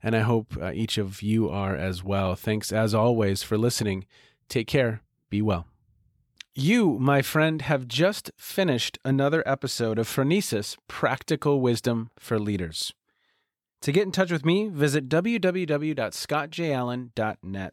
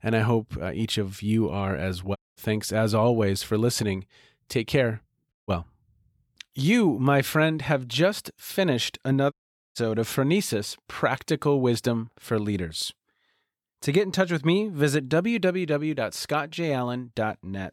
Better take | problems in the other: first | audio cutting out; at 2 s, at 5.5 s and at 9.5 s

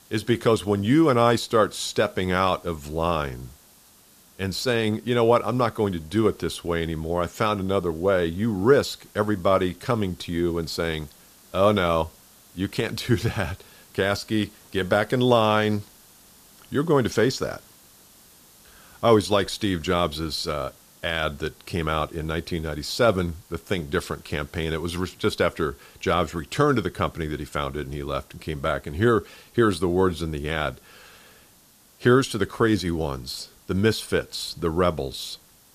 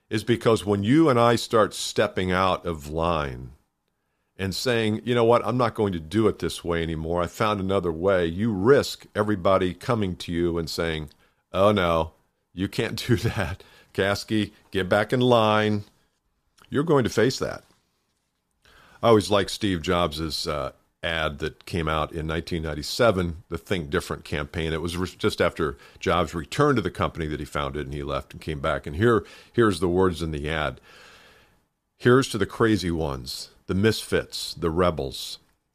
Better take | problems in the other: second | hiss; faint; throughout; 25 dB below the speech

